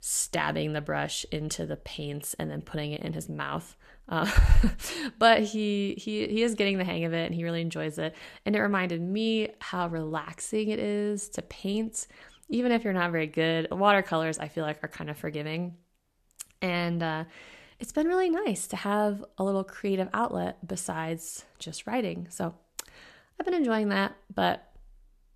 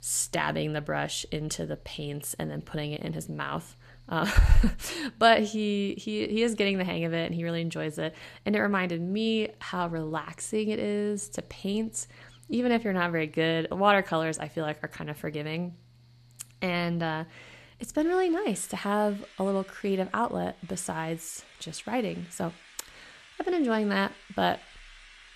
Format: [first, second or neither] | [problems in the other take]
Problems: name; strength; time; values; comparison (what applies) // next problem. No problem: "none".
first | machinery noise; faint; throughout; 25 dB below the speech